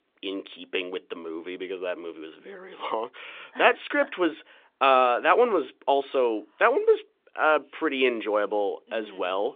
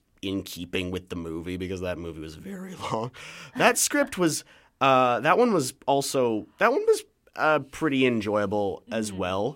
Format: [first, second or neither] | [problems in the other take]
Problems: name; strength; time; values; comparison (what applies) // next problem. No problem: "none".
second | phone-call audio